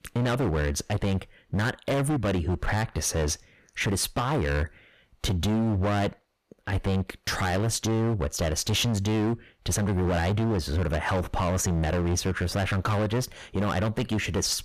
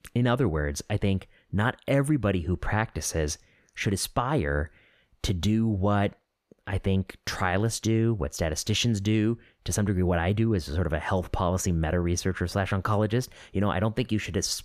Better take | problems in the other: second | distortion; heavy; 23% of the sound clipped

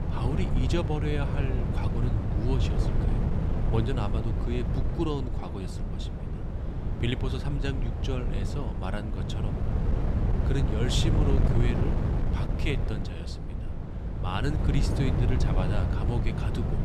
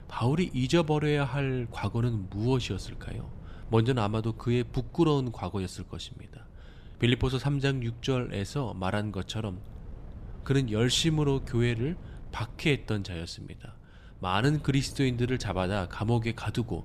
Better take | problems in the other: second | wind noise on the microphone; heavy; 2 dB below the speech; occasional gusts in the second

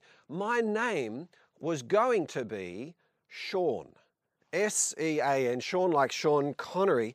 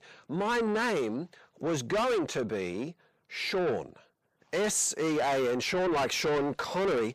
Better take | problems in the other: first | distortion; heavy; 7 dB below the speech

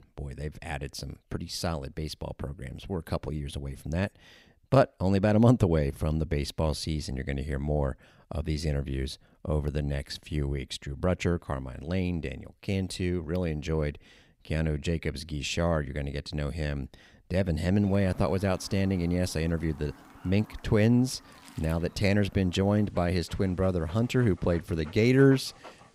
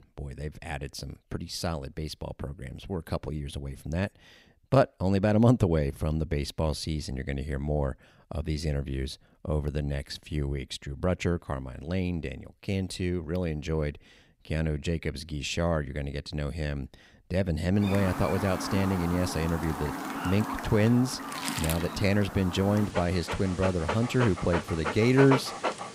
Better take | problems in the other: first | animal sounds; loud; from 18 s on; 5 dB below the speech; faint in the first

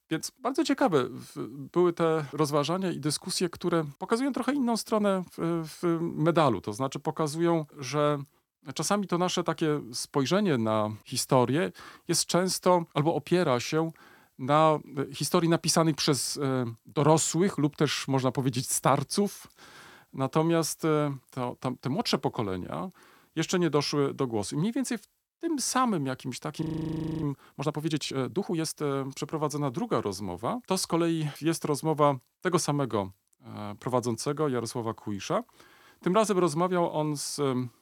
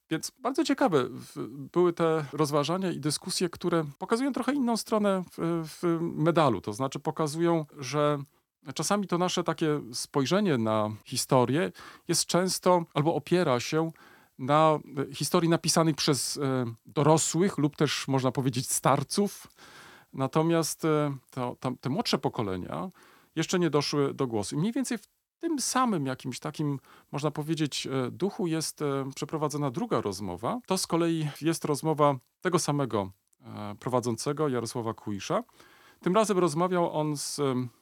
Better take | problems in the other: second | audio freezing; at 27 s for 0.5 s

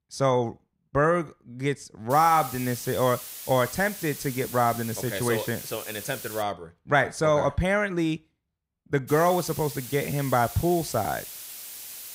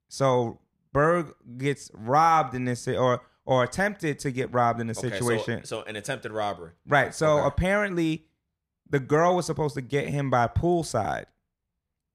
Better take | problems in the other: second | hiss; noticeable; from 2 to 6.5 s and from 9 s on; 10 dB below the speech

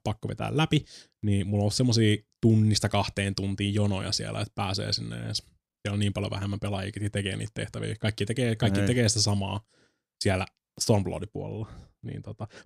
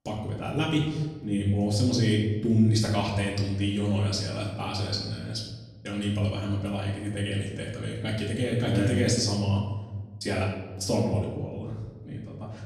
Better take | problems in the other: first | off-mic speech; far // room echo; noticeable; dies away in 1.1 s

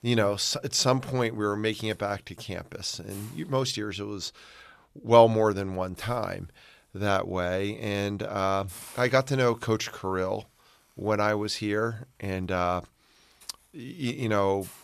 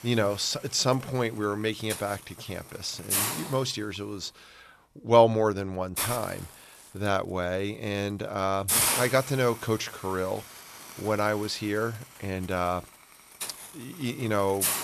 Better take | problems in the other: first | hiss; loud; throughout; 2 dB below the speech; faint in the first

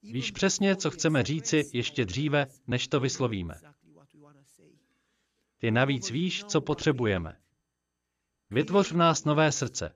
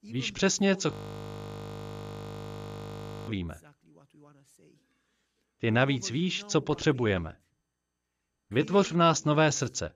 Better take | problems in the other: first | audio freezing; at 1 s for 2.5 s

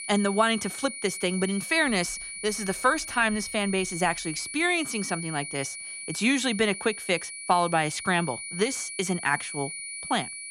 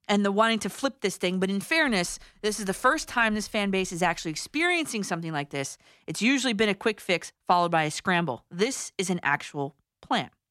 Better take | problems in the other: second | high-pitched whine; loud; throughout; 2.5 kHz, 8 dB below the speech

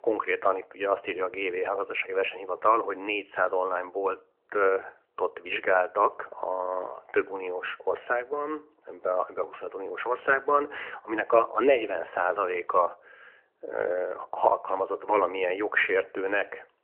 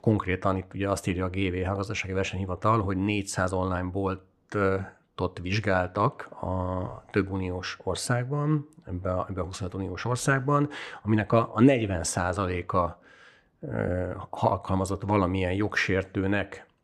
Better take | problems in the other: second | phone-call audio; nothing above 3 kHz

